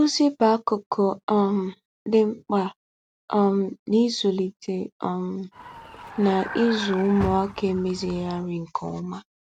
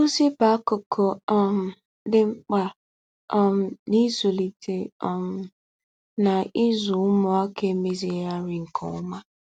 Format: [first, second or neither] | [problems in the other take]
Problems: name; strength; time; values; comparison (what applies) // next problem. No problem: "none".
second | background sound (Vehicle); 11 dB below the speech